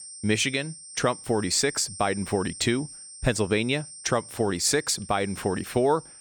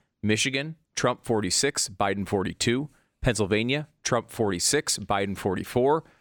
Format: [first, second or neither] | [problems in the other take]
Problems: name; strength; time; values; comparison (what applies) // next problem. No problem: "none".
second | high-pitched whine; noticeable; throughout; 8.5 kHz, 15 dB below the speech